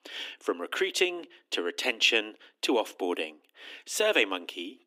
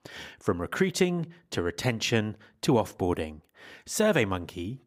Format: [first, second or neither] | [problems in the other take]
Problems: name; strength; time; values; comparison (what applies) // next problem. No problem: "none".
second | thin; somewhat; fading below 300 Hz